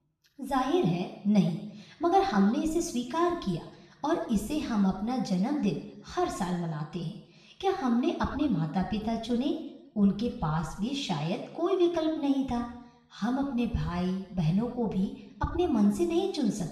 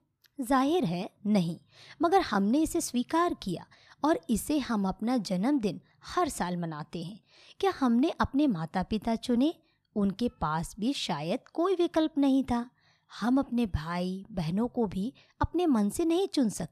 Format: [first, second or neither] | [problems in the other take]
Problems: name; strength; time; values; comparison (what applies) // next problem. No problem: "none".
second | room echo; noticeable; dies away in 0.8 s // off-mic speech; far